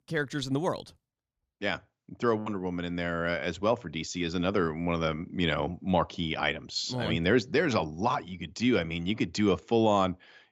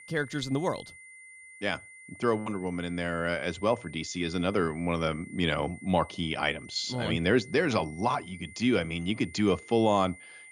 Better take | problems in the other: first | high-pitched whine; noticeable; throughout; 2 kHz, 20 dB below the speech

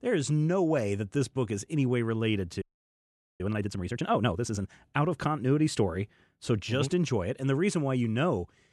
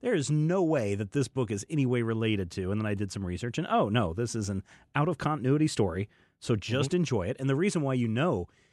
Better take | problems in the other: second | audio freezing; at 2.5 s for 1 s

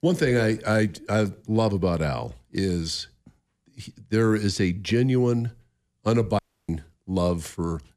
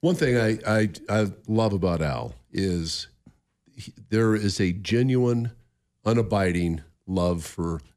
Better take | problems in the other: second | audio cutting out; at 6.5 s

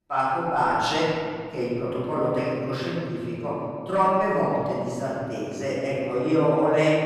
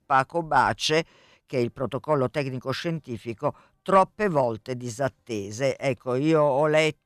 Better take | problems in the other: second | room echo; strong; dies away in 2.2 s // off-mic speech; far

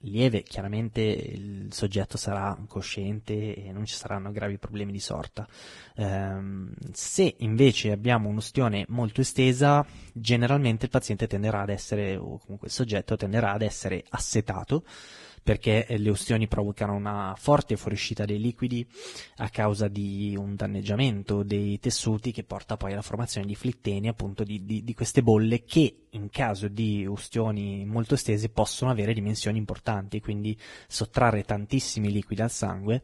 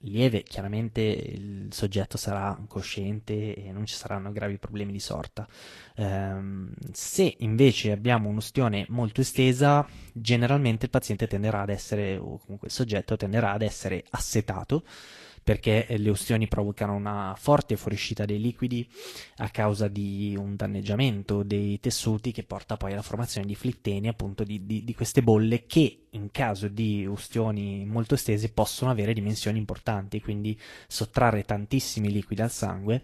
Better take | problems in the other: second | garbled, watery; badly; nothing above 10.5 kHz; slightly in the second

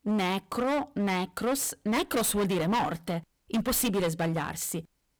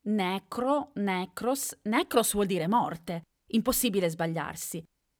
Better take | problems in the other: second | distortion; heavy; 19% of the sound clipped

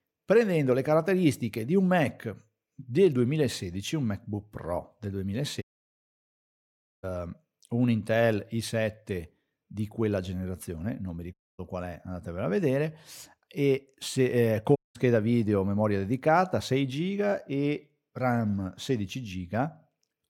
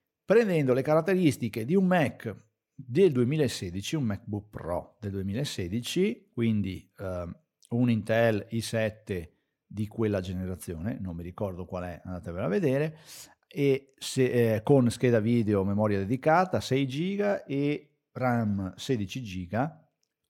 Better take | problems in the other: second | audio cutting out; at 5.5 s for 1.5 s, at 11 s and at 15 s

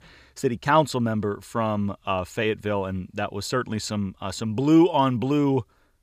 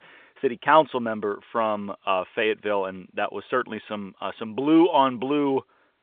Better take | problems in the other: first | phone-call audio; nothing above 3.5 kHz

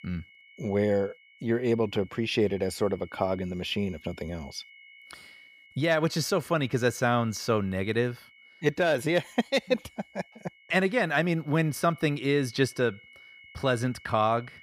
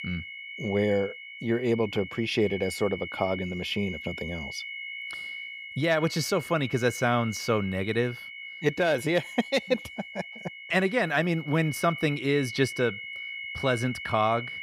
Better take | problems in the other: first | high-pitched whine; loud; throughout; 2 kHz, 9 dB below the speech; faint in the first

